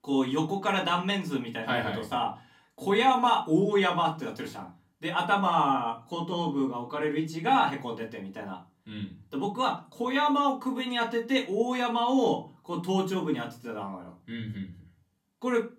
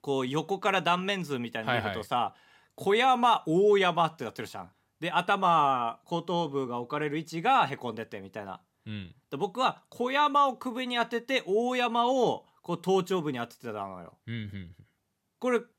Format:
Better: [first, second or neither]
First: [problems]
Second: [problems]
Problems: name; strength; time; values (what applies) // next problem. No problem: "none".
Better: second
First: off-mic speech; far // room echo; very slight; dies away in 0.3 s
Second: none